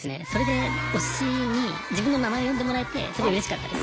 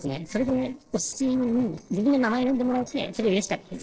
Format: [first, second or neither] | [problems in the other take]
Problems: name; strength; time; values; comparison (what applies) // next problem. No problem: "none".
first | noise reduction (neural separator model SepFormer DNS4)